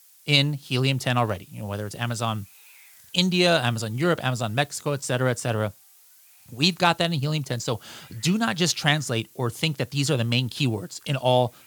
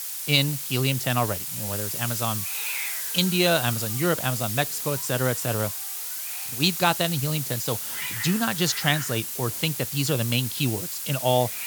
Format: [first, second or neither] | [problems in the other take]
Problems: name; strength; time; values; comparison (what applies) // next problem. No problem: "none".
first | hiss; loud; throughout; 3 dB below the speech; faint in the first